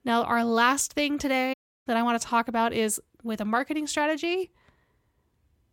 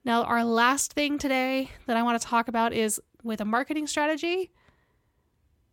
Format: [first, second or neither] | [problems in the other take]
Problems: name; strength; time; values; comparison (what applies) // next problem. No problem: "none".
second | audio cutting out; at 1.5 s